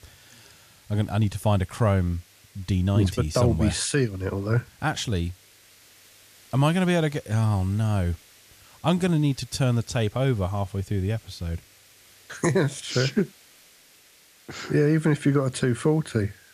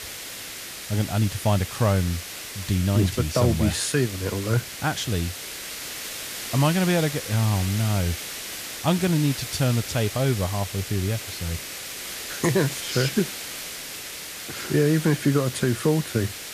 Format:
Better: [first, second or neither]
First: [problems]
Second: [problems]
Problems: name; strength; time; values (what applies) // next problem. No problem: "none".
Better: first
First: hiss; faint; throughout; 25 dB below the speech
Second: hiss; loud; throughout; 8 dB below the speech